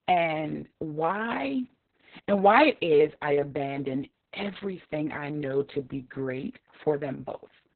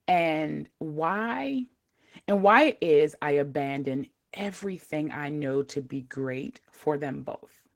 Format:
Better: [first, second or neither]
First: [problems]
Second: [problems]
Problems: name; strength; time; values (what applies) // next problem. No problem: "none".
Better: second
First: garbled, watery; badly; nothing above 4 kHz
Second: garbled, watery; slightly; nothing above 16.5 kHz